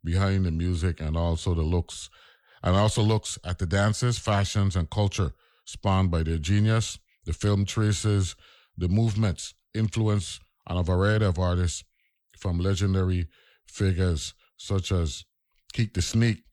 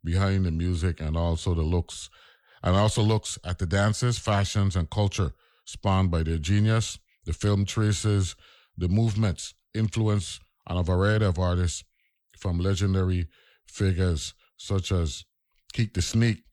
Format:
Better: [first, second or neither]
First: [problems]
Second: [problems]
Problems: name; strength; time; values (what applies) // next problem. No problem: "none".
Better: neither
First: none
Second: none